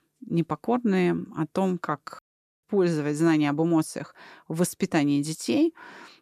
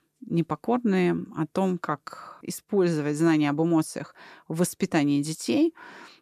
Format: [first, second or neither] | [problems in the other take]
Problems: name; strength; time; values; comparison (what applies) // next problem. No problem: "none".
second | audio cutting out; at 2 s